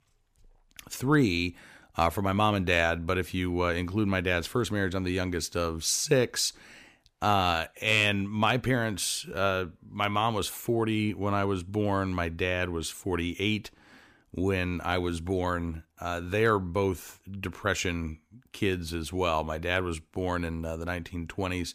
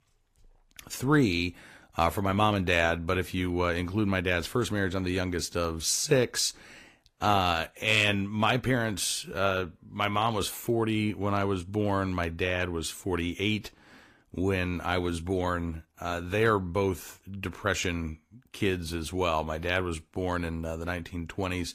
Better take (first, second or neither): first